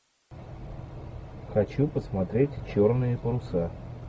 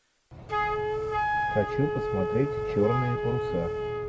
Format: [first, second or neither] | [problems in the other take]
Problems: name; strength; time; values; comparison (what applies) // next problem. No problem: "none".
first | background sound (Wind instrument, woodwind instrument); as loud as the speech